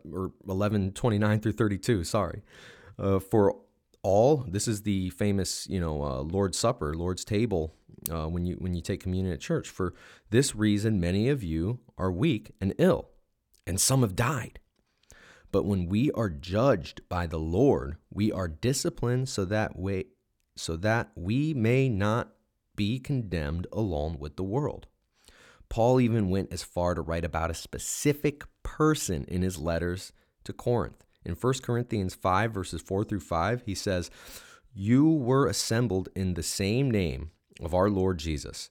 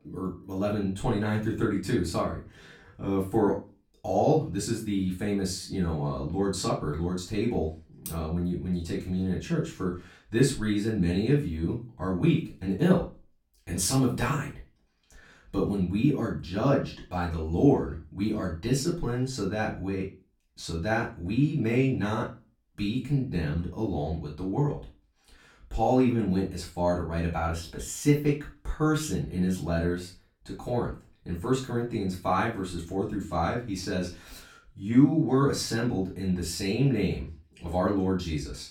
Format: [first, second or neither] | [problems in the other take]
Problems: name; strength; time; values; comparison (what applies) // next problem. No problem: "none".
first | room echo; slight; dies away in 0.3 s // off-mic speech; far